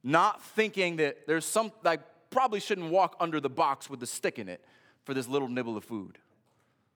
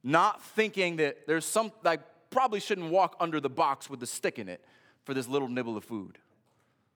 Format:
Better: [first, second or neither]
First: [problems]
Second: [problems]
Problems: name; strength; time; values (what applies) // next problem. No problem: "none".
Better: neither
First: none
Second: none